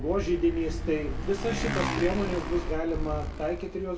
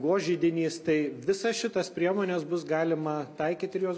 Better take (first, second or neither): second